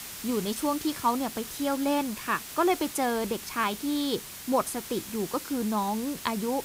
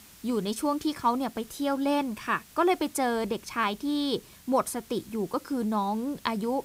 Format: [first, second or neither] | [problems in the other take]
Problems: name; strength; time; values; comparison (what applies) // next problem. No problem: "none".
second | hiss; loud; throughout; 9 dB below the speech; faint in the second